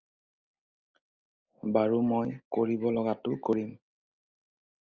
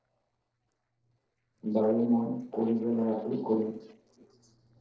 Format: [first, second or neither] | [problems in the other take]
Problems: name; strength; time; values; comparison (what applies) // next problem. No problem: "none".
first | noise reduction (neural separator model SepFormer DNS4)